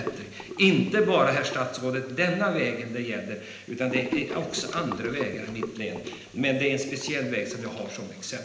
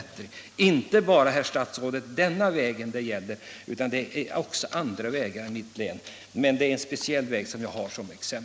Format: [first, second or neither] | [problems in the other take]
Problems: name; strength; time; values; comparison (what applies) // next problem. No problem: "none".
second | background sound (Sink (filling or washing) / Gurgling); 12 dB below the speech // room echo; dies away in 0.9 s